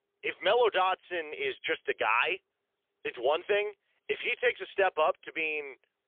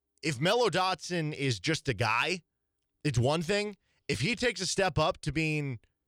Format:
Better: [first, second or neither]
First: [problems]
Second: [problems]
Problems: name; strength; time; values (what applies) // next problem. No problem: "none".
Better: second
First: phone-call audio; poor line; nothing above 3.5 kHz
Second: none